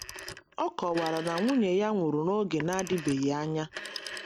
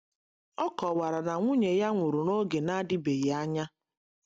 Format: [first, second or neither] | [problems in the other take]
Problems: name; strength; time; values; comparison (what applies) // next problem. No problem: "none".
second | background sound (Telephone); 13 dB below the speech